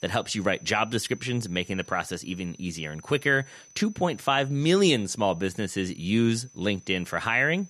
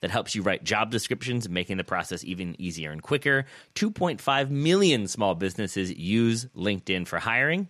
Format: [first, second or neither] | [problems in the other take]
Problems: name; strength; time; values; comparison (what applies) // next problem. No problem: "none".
second | high-pitched whine; faint; throughout; 6 kHz, 25 dB below the speech